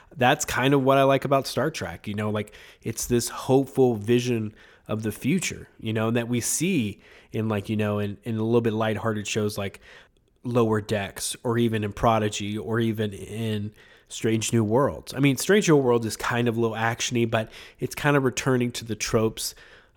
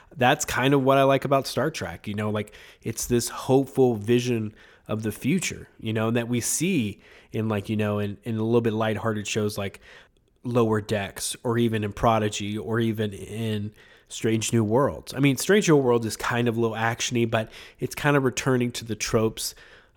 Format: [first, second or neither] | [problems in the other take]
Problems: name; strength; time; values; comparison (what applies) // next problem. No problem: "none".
neither | none